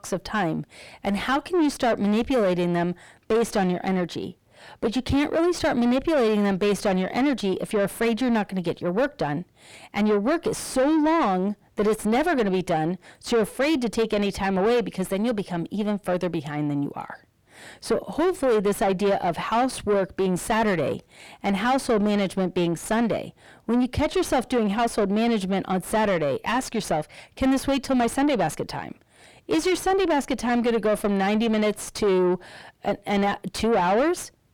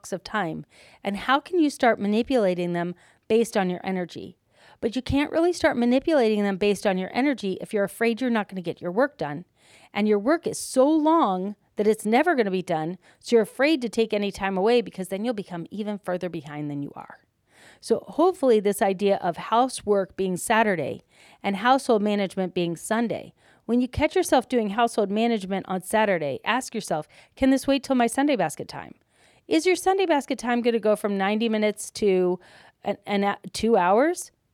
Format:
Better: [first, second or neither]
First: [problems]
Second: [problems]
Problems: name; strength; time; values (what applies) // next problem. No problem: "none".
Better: second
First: distortion; heavy; 6 dB below the speech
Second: none